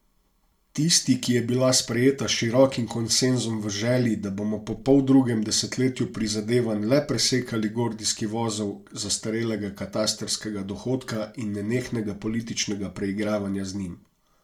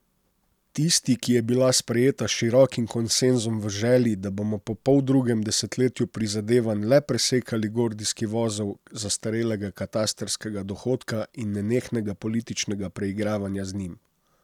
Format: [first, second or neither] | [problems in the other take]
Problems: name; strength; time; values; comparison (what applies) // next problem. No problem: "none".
second | room echo; dies away in 0.3 s